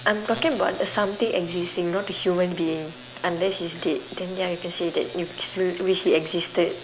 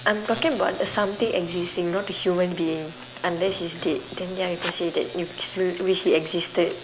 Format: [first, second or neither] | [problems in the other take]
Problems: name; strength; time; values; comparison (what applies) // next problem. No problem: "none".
first | background sound (Scissors + Fart); 19 dB below the speech